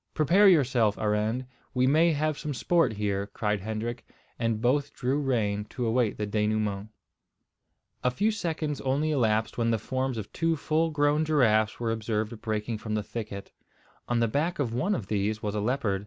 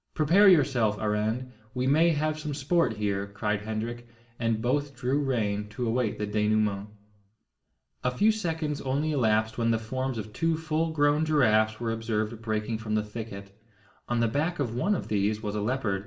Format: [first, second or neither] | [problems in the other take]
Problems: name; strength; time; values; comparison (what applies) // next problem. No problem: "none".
first | room echo; dies away in 0.5 s